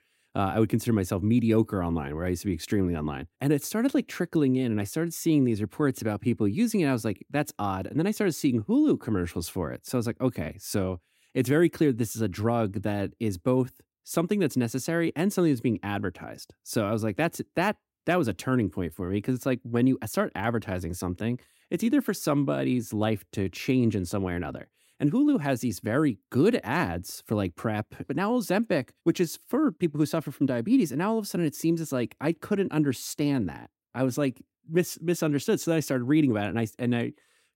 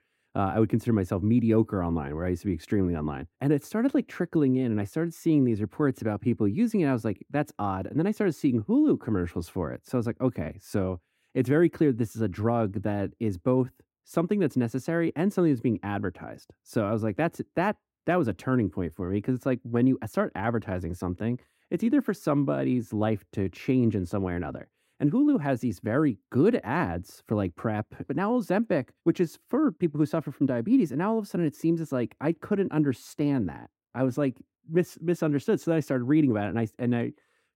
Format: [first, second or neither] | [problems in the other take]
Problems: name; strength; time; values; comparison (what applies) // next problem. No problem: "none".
first | muffled; slightly; fading above 2.5 kHz